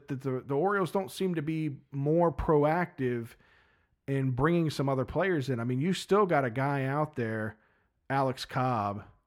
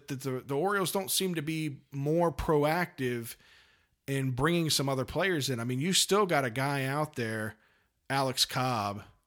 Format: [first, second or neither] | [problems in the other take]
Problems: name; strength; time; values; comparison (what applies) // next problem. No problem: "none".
second | muffled; very; fading above 2.5 kHz